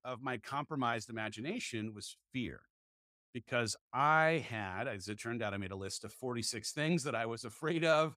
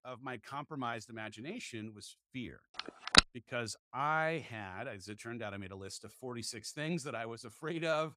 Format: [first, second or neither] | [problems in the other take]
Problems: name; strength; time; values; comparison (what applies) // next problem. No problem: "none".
first | phone ringing; loud; at 3 s; peak 15 dB above the speech